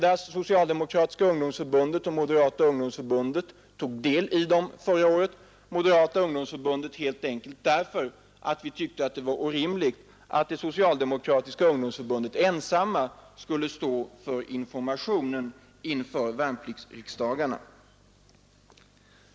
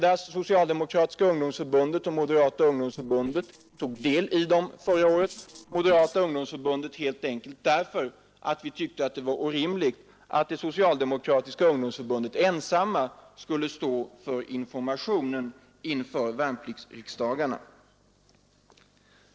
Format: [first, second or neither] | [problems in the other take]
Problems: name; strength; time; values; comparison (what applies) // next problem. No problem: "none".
first | noise reduction (neural separator model SepFormer DNS4)